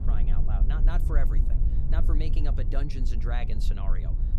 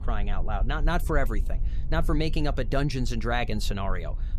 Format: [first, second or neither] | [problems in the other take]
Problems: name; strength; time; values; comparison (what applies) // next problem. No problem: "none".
second | low rumble; loud; throughout; 5 dB below the speech; faint in the second